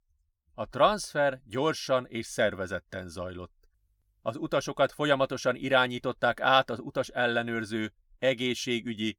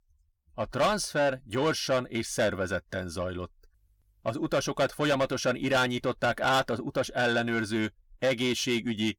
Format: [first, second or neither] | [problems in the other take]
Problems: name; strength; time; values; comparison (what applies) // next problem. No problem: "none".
first | distortion; heavy; 8 dB below the speech